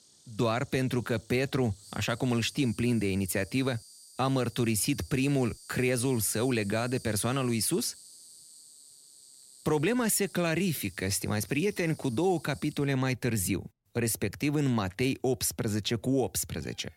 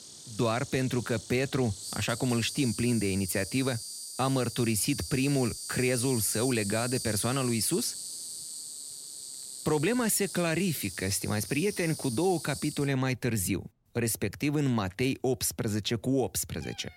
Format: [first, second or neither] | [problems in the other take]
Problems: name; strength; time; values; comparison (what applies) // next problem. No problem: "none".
first | animal sounds; loud; throughout; 8 dB below the speech; faint in the first